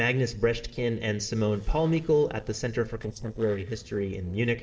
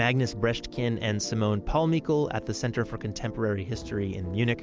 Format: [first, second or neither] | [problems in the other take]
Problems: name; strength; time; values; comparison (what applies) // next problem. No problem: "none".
second | noise reduction (neural separator model SepFormer DNS4)